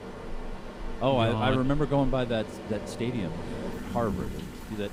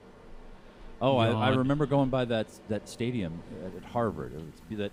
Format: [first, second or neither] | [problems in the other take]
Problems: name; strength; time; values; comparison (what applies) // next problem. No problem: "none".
second | rain or running water; loud; throughout; 10 dB below the speech; faint in the second